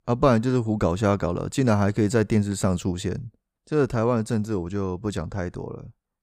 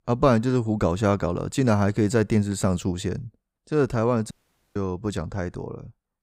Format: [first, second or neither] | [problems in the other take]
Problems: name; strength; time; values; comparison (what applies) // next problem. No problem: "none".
first | audio cutting out; at 4.5 s